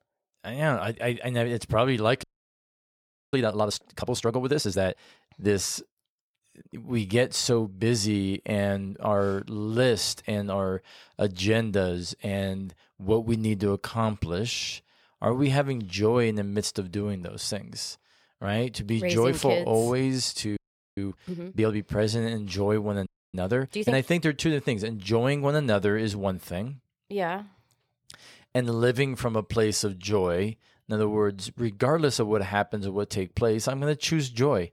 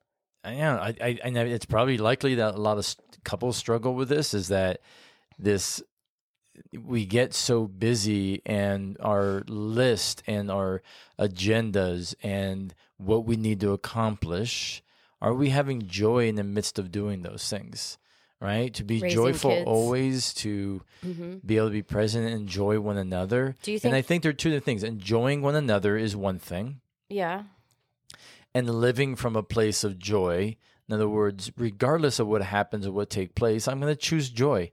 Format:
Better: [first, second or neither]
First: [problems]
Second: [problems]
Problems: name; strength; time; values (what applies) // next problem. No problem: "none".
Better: second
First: audio freezing; at 2 s for 1 s, at 21 s and at 23 s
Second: none